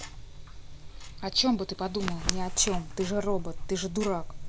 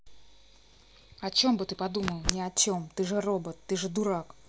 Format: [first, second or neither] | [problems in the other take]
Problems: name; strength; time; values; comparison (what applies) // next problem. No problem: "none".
second | background sound (Tick-tock); 5 dB below the speech